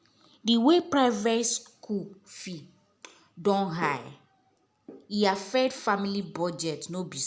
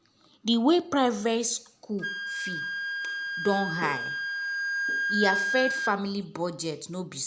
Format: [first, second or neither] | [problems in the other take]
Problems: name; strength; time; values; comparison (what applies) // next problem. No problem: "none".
first | background sound (Wind instrument, woodwind instrument); 4 dB below the speech